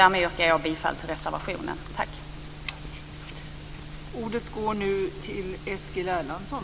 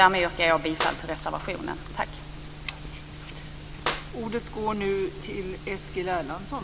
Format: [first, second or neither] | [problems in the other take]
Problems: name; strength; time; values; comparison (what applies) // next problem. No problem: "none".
first | background sound (Clapping); 11 dB below the speech